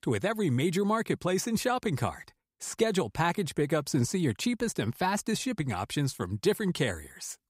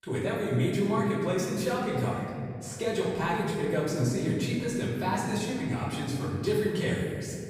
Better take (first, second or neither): first